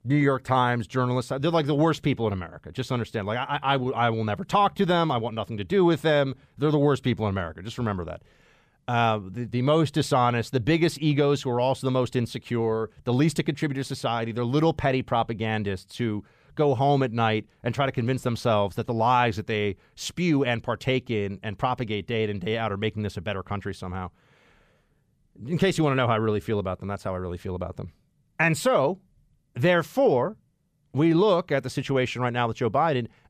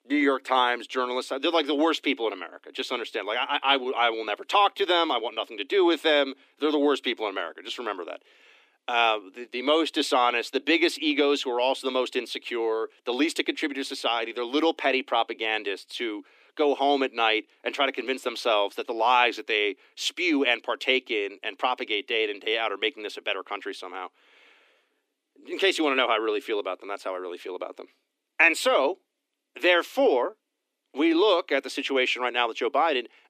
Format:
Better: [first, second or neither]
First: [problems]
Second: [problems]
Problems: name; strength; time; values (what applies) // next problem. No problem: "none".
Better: first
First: none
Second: thin; somewhat; fading below 250 Hz